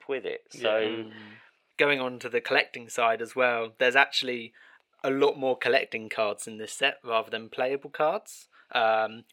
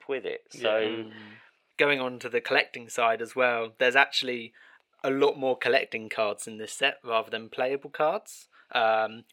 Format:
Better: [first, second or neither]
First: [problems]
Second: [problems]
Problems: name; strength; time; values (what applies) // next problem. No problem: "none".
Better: neither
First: thin; somewhat; fading below 450 Hz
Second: thin; somewhat; fading below 450 Hz